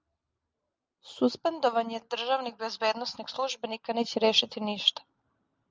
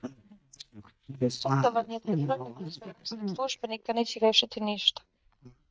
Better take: first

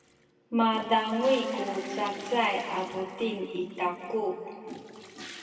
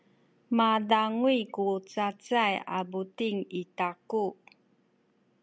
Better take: second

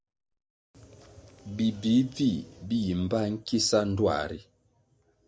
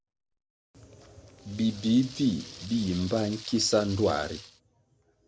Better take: first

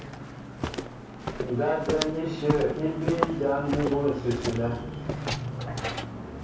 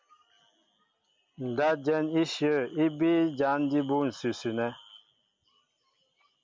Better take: second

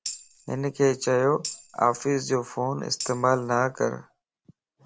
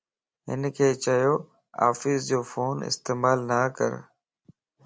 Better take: second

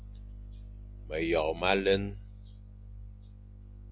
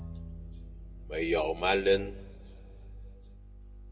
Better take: first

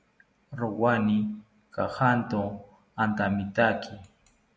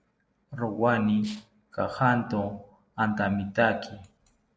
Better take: first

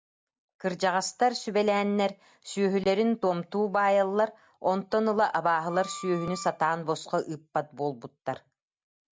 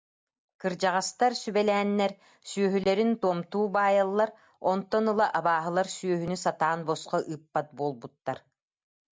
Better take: second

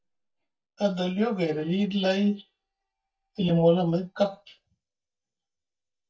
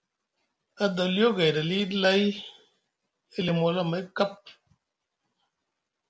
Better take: second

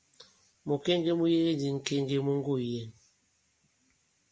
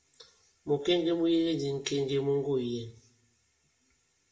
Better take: first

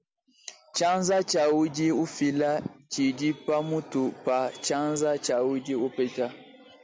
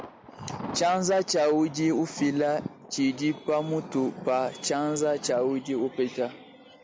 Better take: first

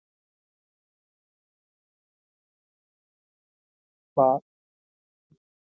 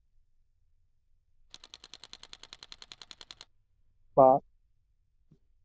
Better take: first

